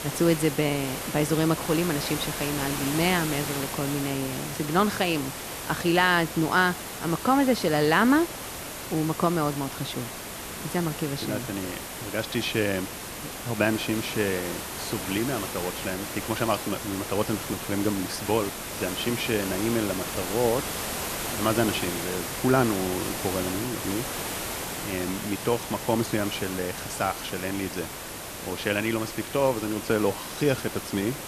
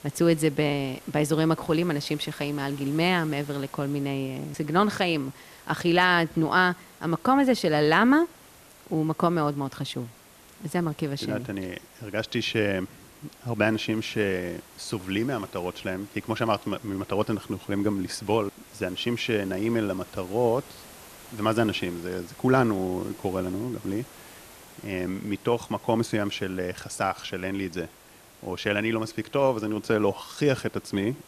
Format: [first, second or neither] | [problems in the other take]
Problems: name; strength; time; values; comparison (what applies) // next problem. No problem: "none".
second | hiss; loud; throughout; 6 dB below the speech; faint in the second